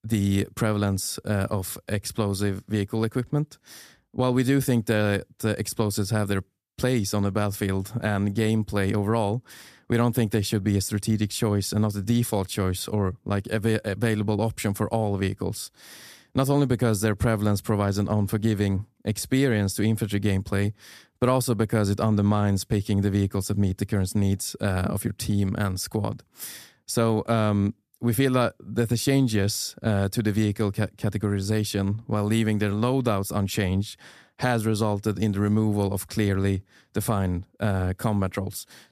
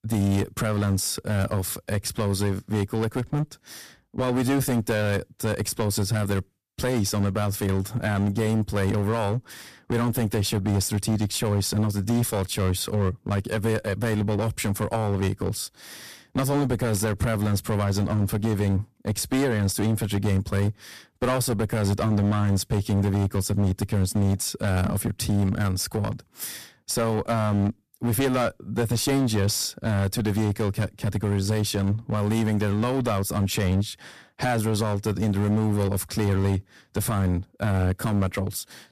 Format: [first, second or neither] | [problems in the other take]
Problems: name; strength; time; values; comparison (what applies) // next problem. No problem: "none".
first | distortion; heavy; 12% of the sound clipped